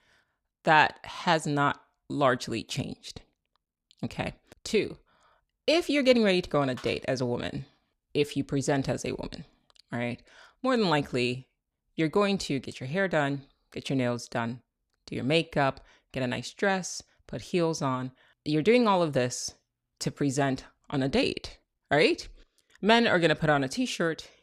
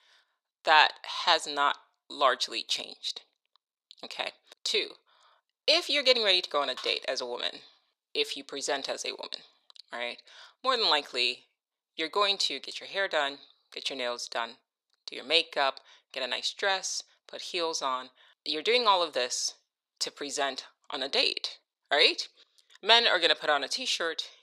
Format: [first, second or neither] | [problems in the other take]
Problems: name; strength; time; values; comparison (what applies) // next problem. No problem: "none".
first | thin; very; fading below 450 Hz